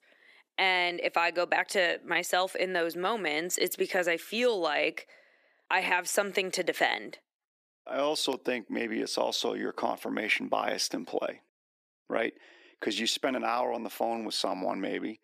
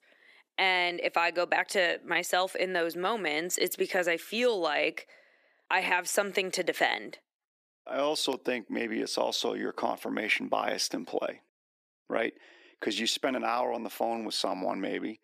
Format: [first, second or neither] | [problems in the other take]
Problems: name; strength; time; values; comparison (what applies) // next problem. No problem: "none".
neither | thin; somewhat; fading below 300 Hz; the same in both